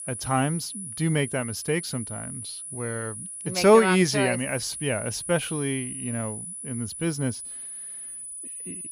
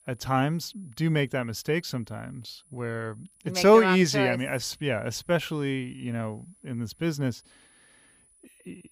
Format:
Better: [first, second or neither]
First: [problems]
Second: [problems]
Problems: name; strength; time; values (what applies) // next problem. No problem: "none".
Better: second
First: high-pitched whine; loud; throughout; 10 kHz, 8 dB below the speech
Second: high-pitched whine; faint; throughout; 10 kHz, 30 dB below the speech